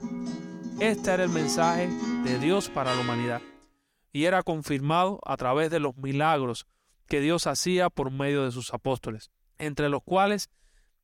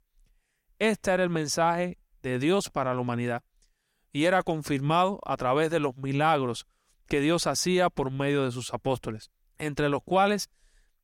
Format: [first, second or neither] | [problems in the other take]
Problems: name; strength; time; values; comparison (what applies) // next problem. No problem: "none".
second | background music; loud; until 3.5 s; 5 dB below the speech